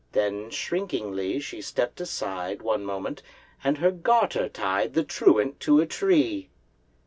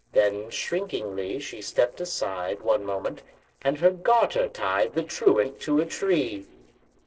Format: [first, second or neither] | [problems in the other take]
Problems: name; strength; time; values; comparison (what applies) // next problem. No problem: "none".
first | noise reduction (neural separator model SepFormer DNS4)